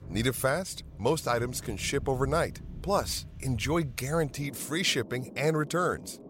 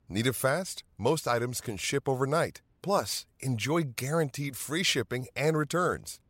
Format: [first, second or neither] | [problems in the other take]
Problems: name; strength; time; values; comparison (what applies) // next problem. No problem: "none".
second | rain or running water; noticeable; throughout; 15 dB below the speech